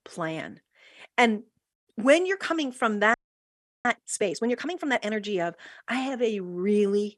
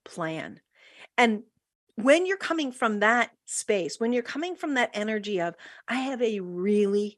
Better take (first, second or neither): second